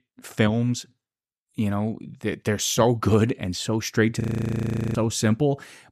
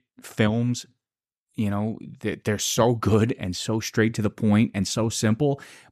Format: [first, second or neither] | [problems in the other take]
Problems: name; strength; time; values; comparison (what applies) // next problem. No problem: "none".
second | audio freezing; at 4 s for 0.5 s